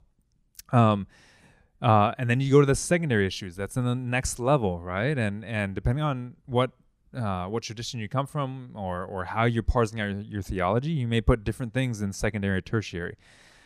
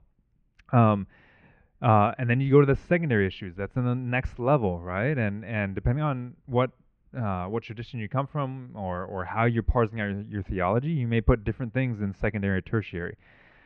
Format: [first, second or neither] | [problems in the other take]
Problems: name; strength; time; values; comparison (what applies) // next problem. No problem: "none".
first | muffled; very; fading above 2.5 kHz